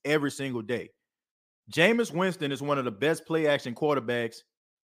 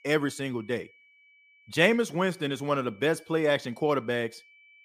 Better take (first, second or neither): first